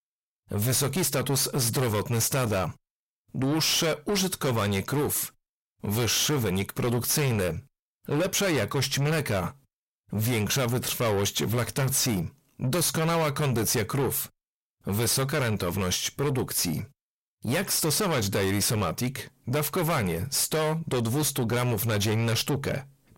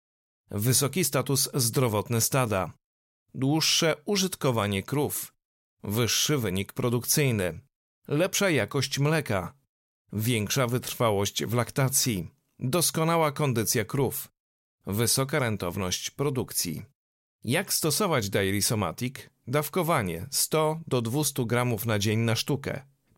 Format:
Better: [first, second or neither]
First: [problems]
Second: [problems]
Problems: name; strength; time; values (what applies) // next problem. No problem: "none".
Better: second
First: distortion; heavy; 6 dB below the speech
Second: none